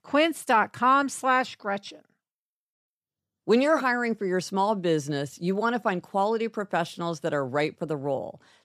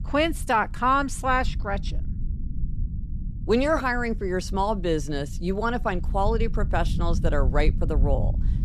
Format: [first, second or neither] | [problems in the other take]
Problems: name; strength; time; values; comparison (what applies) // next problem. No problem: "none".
first | low rumble; faint; throughout; 20 dB below the speech